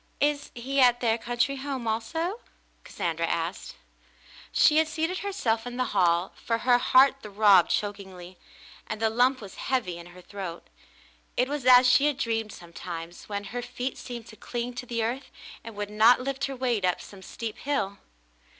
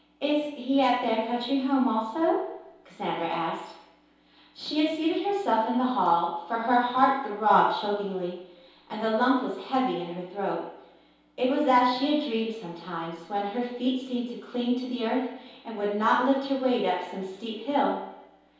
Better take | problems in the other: first | room echo; dies away in 0.8 s

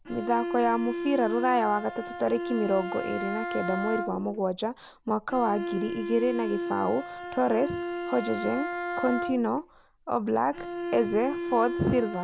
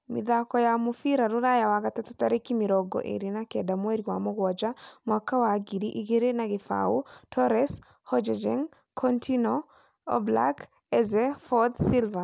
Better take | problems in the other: second | background sound (Bowed string instrument); 6 dB below the speech

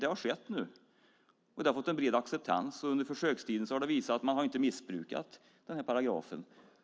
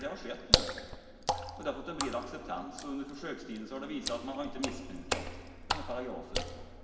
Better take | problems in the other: first | background sound (Water / Splash, splatter); 3 dB above the speech // room echo; dies away in 2.6 s

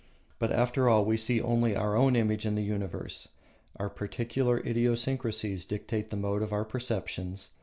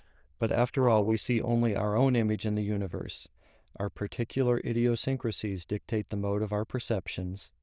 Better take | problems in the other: first | noise reduction (neural diffusion model UNIVERSE++)

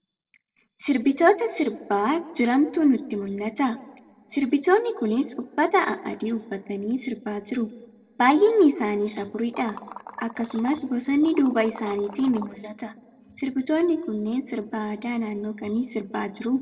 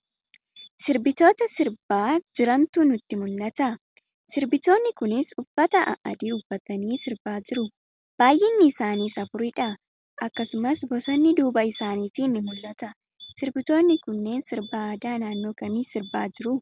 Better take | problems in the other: second | noise reduction (neural separator model SepFormer DNS4)

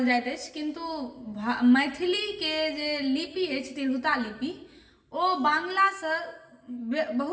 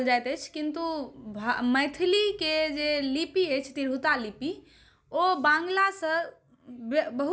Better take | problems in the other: second | room echo; dies away in 0.9 s

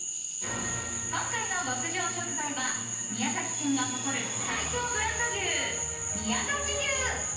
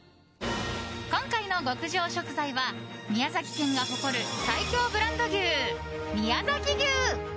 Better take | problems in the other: second | background sound (Cricket / Frog); 1 dB below the speech // room echo; dies away in 0.9 s

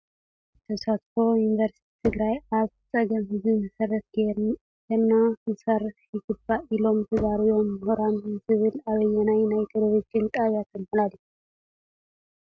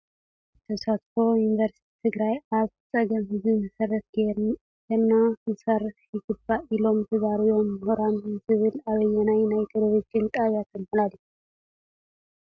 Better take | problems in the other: second | background sound (Knock); 17 dB below the speech

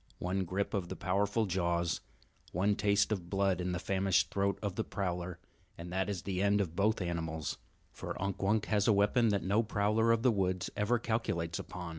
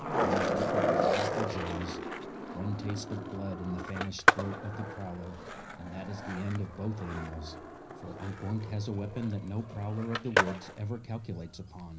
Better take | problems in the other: first | background sound (Skateboard); 3 dB above the speech // room echo; dies away in 0.5 s

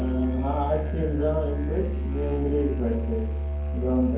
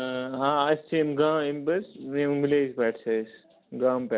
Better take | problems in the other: second | background sound (Musical instrument); as loud as the speech // room echo; dies away in 0.9 s

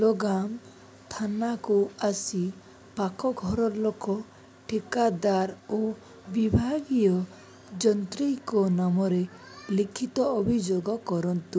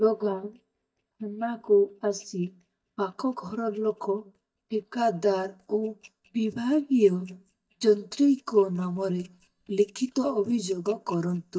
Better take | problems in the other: first | noise reduction (neural mask model DeepFilterNet 3)

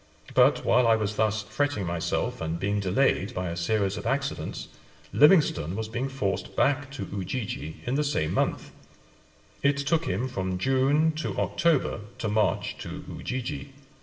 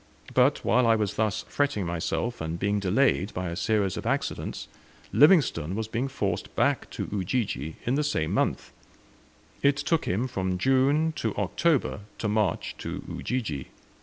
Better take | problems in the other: second | room echo; dies away in 0.7 s

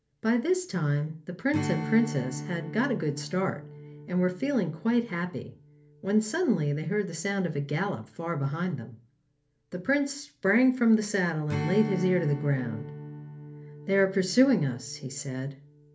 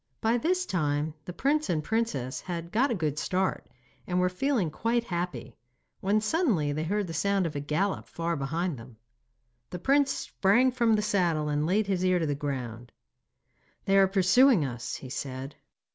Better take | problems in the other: second | background sound (Strum); 12 dB below the speech // room echo; dies away in 0.3 s

